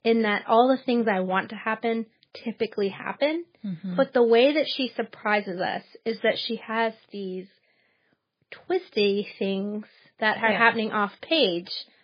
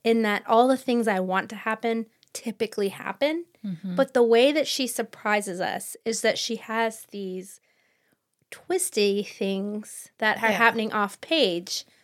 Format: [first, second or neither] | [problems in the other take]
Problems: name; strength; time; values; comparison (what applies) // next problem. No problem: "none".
second | garbled, watery; badly